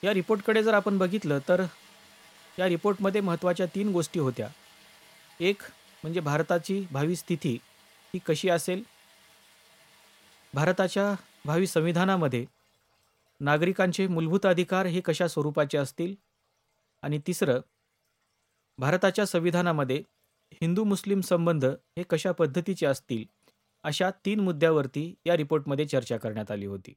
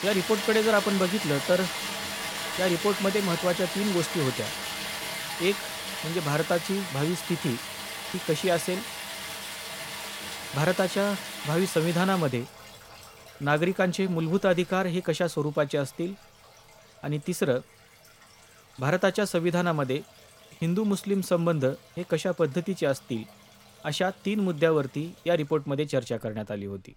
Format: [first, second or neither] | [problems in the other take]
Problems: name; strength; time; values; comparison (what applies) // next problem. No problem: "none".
first | rain or running water; loud; throughout; 5 dB below the speech; faint in the first